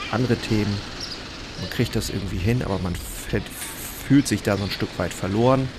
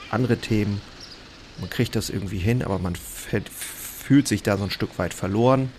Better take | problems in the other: second | wind noise on the microphone; heavy; 8 dB below the speech; occasional gusts in the second

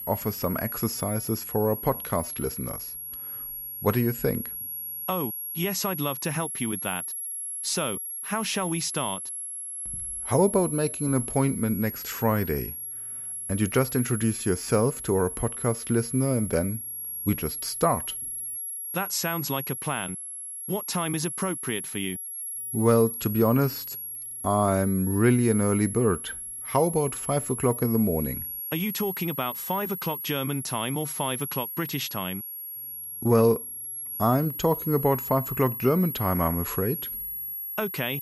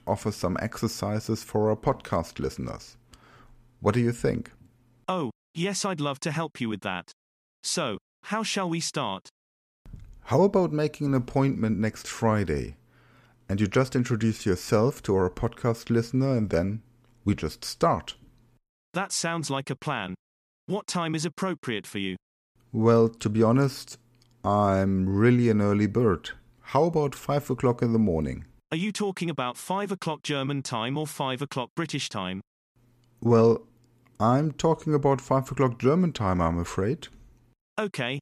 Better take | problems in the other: second | high-pitched whine; loud; throughout; 11 kHz, 5 dB below the speech

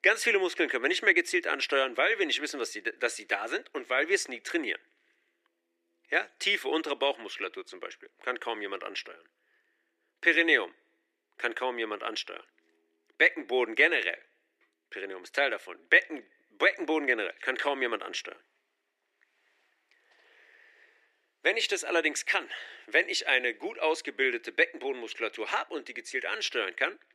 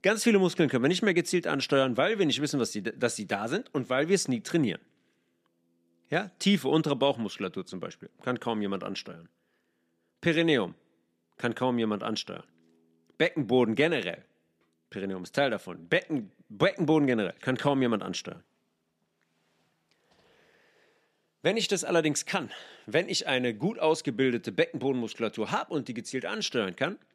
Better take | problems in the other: second | thin; very; fading below 350 Hz

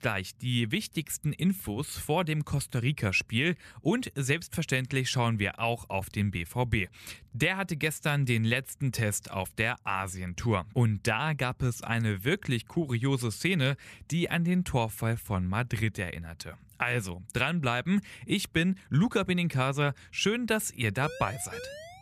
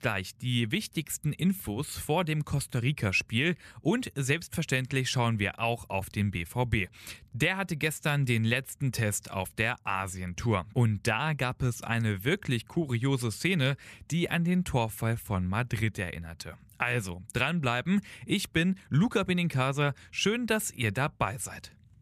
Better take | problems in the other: second | siren; faint; at 21 s; peak 10 dB below the speech

